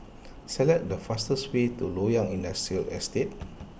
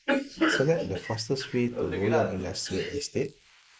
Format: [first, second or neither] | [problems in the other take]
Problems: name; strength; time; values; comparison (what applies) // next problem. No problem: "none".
first | noise reduction (neural mask model Resemble Enhance denoiser)